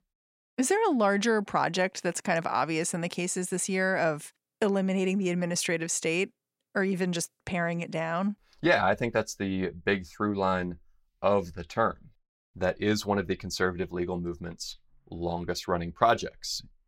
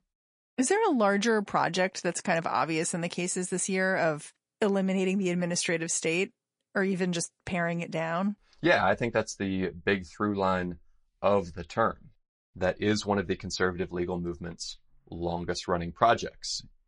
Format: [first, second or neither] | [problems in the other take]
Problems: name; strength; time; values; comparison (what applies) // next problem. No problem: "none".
first | garbled, watery; slightly; nothing above 10.5 kHz